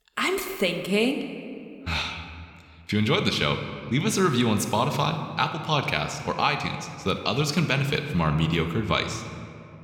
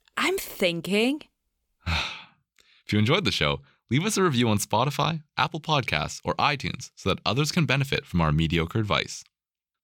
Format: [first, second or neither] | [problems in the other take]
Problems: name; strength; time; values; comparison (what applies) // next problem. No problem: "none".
second | room echo; slight; dies away in 1.6 s